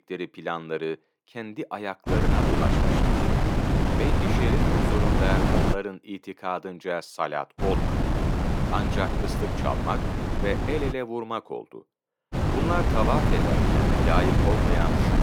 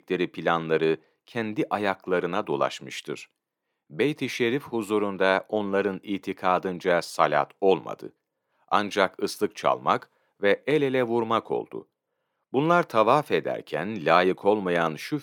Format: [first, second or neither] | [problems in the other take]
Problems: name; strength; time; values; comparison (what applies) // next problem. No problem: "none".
second | wind noise on the microphone; heavy; from 2 to 5.5 s, from 7.5 to 11 s and from 12 s on; 1 dB above the speech